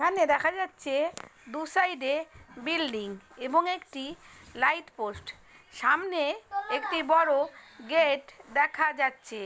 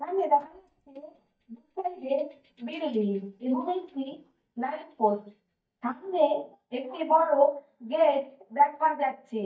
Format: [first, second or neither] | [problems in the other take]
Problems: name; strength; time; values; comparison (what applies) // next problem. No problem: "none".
first | noise reduction (neural mask model DeepFilterNet 3)